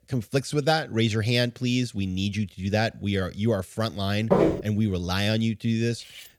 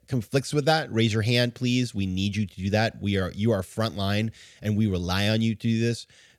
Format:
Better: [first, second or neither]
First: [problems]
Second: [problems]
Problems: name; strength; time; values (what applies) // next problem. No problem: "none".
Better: second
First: footsteps; loud; at 4.5 s; peak 4 dB above the speech // clattering dishes; faint; at 6 s; peak 20 dB below the speech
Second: none